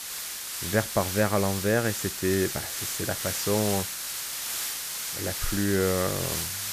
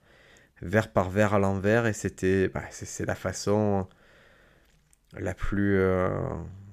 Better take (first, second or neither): second